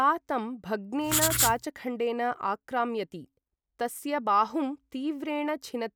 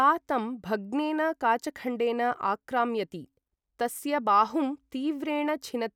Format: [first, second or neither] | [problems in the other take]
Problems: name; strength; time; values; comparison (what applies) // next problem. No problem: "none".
second | background sound (Writing); 2 dB above the speech